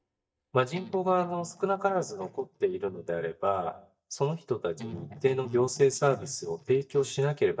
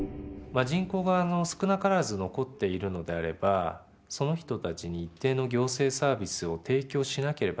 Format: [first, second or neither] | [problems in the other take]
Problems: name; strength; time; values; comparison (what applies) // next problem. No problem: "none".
second | noise reduction (neural mask model DeepFilterNet 3)